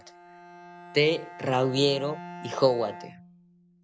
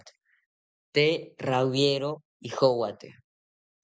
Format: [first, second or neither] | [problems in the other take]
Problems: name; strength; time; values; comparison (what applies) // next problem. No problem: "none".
second | background sound (Bowed string instrument); 16 dB below the speech